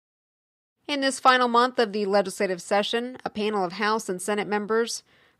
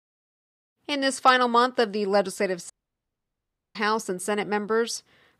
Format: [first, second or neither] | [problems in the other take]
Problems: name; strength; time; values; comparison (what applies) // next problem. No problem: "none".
first | audio cutting out; at 2.5 s for 1 s